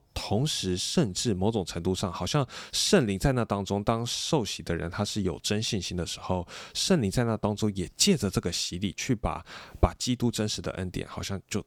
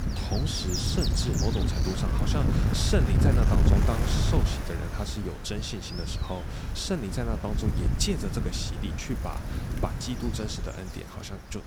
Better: first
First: none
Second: wind noise on the microphone; heavy; 2 dB below the speech

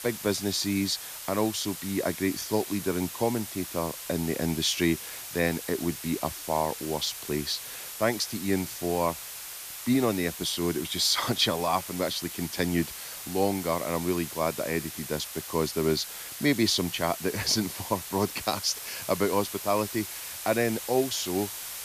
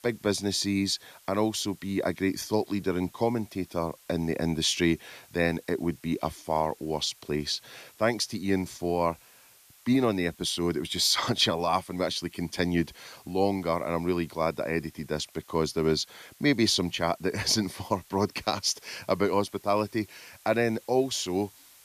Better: second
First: hiss; loud; throughout; 8 dB below the speech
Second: hiss; faint; throughout; 25 dB below the speech

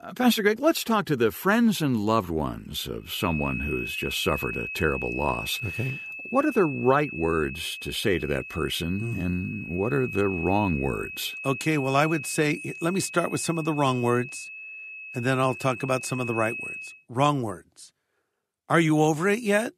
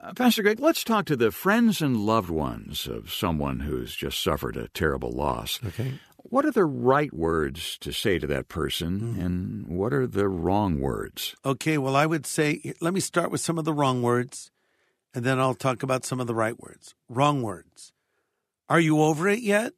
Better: second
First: high-pitched whine; loud; from 3 to 17 s; 2.5 kHz, 9 dB below the speech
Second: none

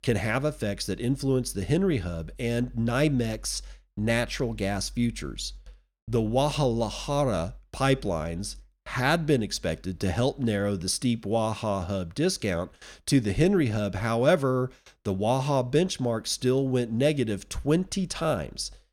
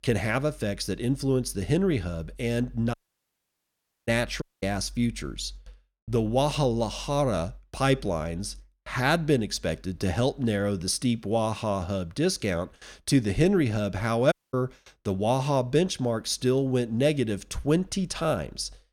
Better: first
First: none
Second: audio cutting out; at 3 s for 1 s, at 4.5 s and at 14 s

